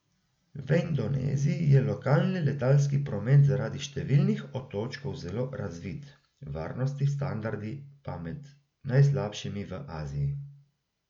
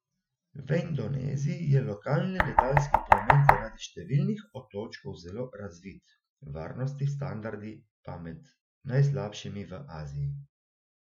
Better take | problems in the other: first | noise reduction (classical method Wiener filter)

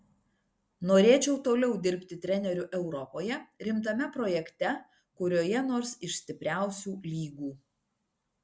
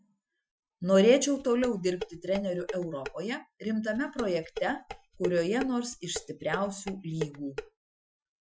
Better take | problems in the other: first | noise reduction (classical method Wiener filter)

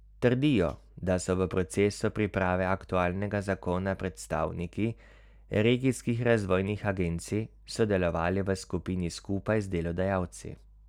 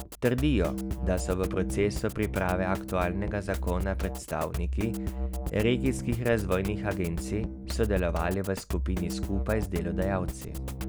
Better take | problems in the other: first | background sound (Drum kit); 3 dB below the speech

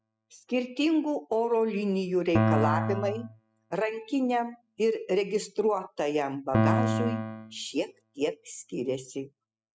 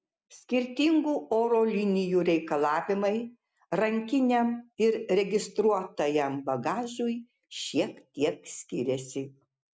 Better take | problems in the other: second | noise reduction (classical method spectral subtraction)

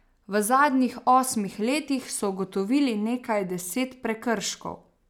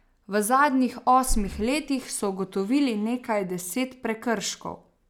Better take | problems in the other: first | background sound (Breathing); 9 dB below the speech

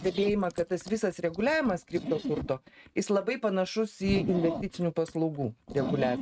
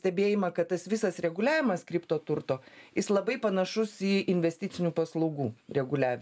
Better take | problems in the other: second | noise reduction (neural mask model RNNoise)

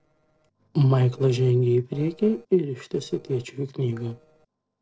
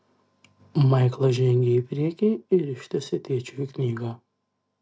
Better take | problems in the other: second | noise reduction (neural separator model SepFormer DNS4)

